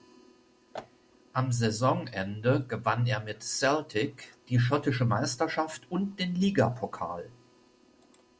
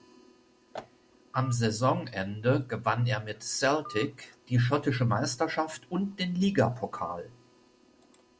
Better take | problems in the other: first | background sound (Telephone); 20 dB below the speech

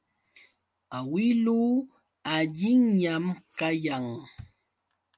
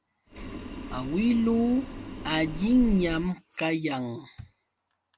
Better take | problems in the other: first | background sound (Boiling); 9 dB below the speech

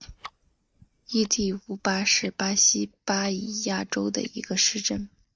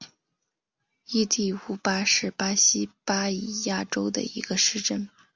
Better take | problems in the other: second | noise reduction (neural mask model DeepFilterNet 3)

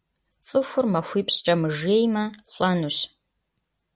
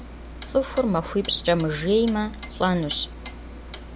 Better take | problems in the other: first | background sound (Clock); 13 dB below the speech

